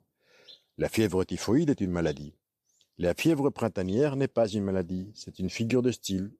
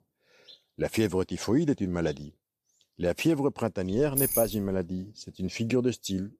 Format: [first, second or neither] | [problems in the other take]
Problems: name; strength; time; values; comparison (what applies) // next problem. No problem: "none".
first | jangling keys; loud; at 4 s; peak 2 dB above the speech